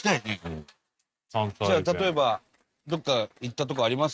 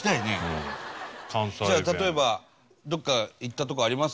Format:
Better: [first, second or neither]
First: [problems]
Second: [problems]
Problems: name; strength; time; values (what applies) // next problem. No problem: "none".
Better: second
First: noise reduction (neural mask model RNNoise)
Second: none